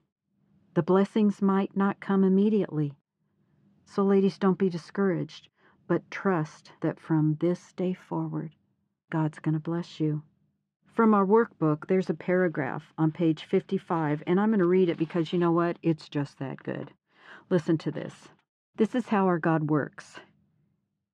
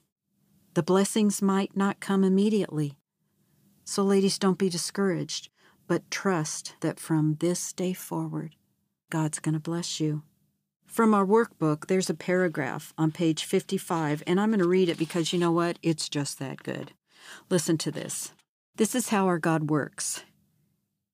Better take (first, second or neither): second